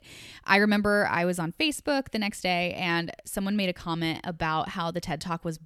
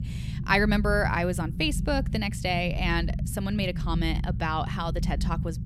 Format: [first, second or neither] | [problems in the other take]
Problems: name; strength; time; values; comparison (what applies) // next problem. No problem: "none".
first | low rumble; noticeable; throughout; 15 dB below the speech